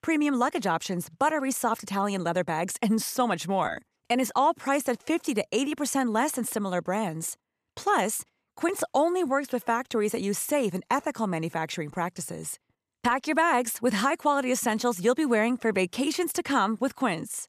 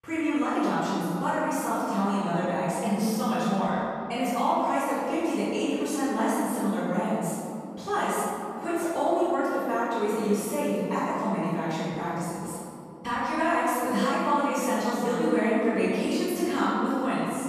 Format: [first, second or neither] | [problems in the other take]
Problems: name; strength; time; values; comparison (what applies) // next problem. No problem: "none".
first | off-mic speech; far // room echo; strong; dies away in 2.7 s